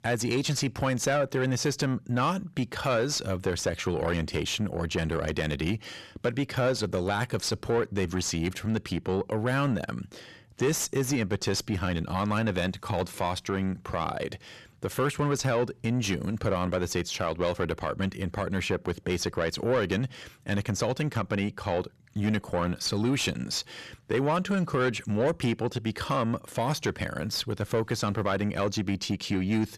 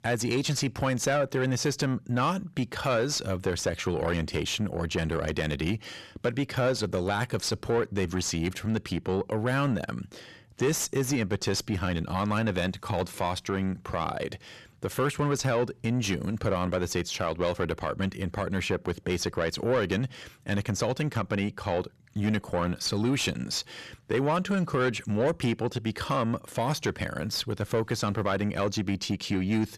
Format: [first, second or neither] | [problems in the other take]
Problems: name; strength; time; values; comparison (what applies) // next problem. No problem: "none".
neither | distortion; slight; 10 dB below the speech; the same in both